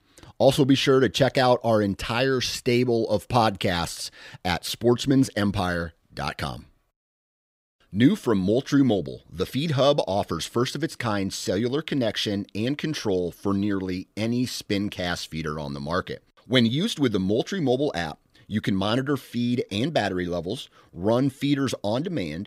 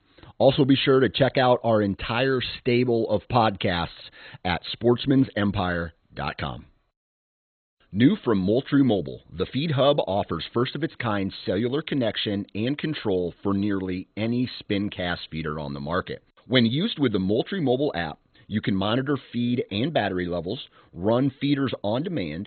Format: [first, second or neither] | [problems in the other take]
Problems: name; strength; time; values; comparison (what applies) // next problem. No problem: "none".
first | garbled, watery; badly; nothing above 4 kHz